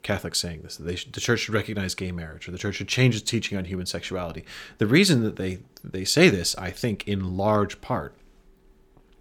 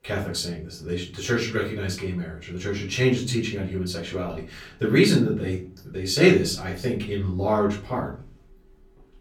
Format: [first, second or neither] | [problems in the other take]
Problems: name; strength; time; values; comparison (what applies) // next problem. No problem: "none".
first | off-mic speech; far // room echo; slight; dies away in 0.4 s